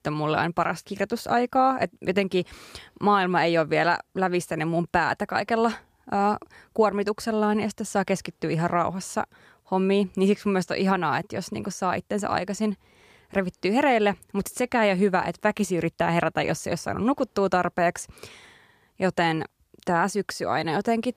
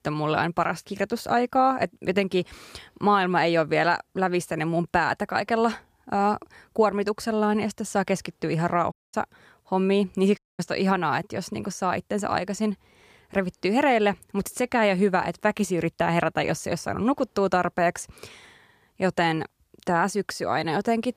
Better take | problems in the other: first | audio cutting out; at 9 s and at 10 s

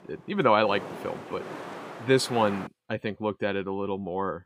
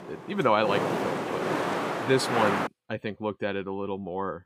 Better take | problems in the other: first | wind noise on the microphone; heavy; until 2.5 s; as loud as the speech; occasional gusts in the first

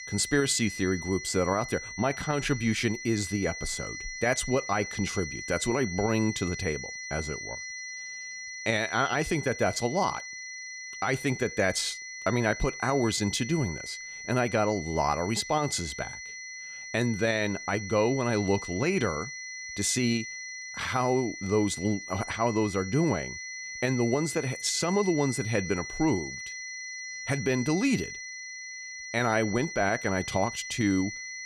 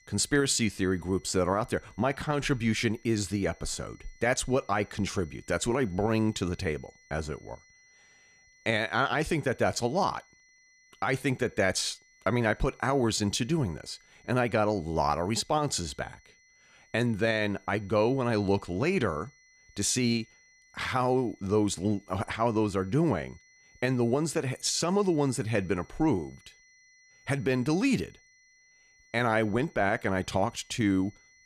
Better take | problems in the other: second | high-pitched whine; loud; throughout; 2 kHz, 9 dB below the speech; faint in the second

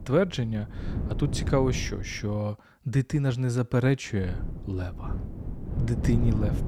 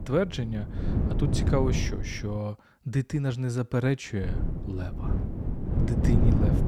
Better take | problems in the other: first | wind noise on the microphone; heavy; until 2.5 s and from 4 s on; 4 dB below the speech; occasional gusts in the first

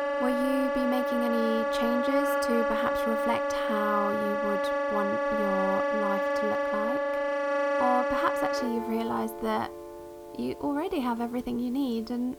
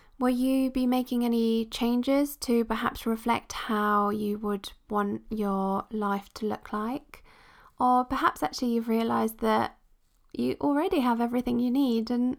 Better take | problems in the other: second | background music; very loud; throughout; 3 dB above the speech

